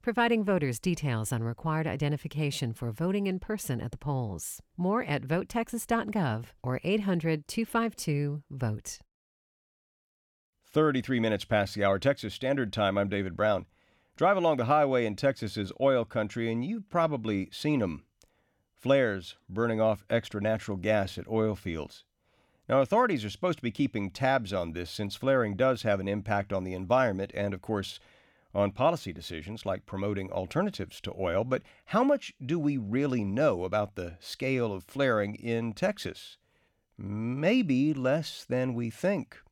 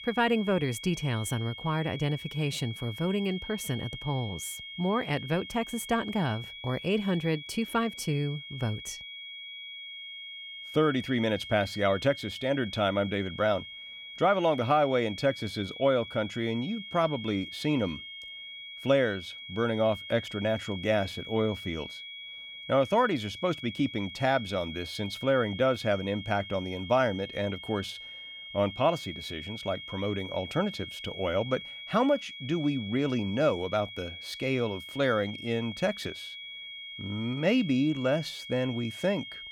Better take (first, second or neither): first